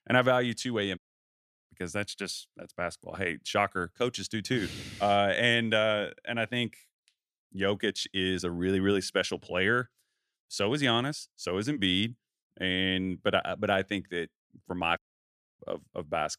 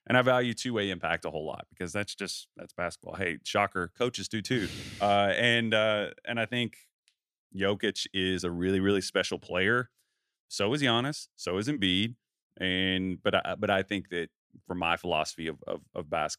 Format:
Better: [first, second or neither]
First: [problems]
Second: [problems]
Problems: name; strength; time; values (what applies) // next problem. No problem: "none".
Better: second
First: audio cutting out; at 1 s for 0.5 s and at 15 s for 0.5 s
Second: none